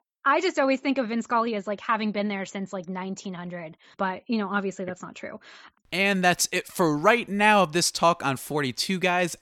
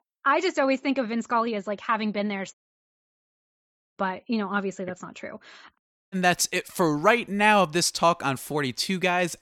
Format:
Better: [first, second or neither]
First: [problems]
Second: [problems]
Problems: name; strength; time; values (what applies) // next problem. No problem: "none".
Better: first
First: none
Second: audio cutting out; at 2.5 s for 1.5 s and at 6 s